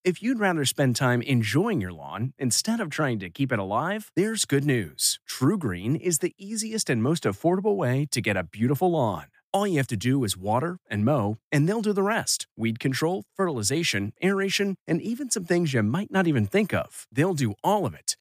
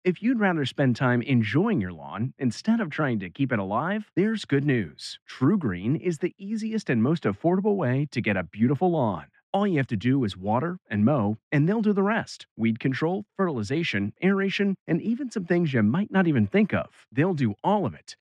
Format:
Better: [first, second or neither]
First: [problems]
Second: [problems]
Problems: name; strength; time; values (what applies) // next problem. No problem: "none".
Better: first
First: none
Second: muffled; slightly; fading above 2.5 kHz